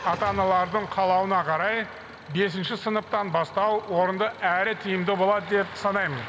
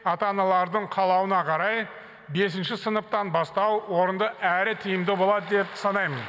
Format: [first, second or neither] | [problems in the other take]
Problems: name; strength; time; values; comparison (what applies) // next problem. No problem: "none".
second | background sound (Idling / Engine starting); 18 dB below the speech